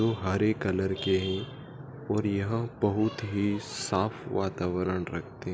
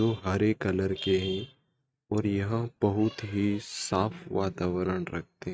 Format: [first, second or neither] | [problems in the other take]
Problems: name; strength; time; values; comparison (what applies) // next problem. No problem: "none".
first | noise reduction (neural mask model RNNoise)